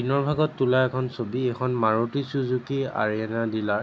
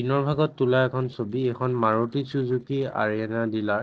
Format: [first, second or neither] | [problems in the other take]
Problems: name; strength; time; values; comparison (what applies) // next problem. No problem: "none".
first | noise reduction (neural separator model SepFormer DNS4)